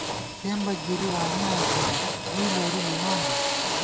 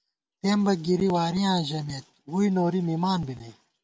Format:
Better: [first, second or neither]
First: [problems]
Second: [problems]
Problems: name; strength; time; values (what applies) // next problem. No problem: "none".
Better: second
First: background sound (Drill); 3 dB above the speech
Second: none